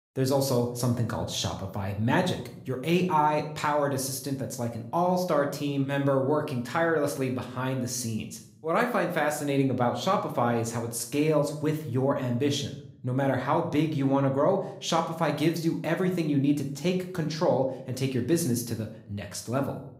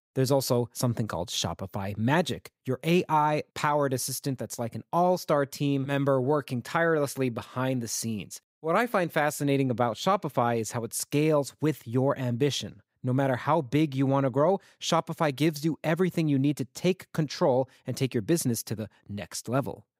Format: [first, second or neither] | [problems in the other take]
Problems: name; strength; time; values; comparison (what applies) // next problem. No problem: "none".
second | room echo; slight; dies away in 0.5 s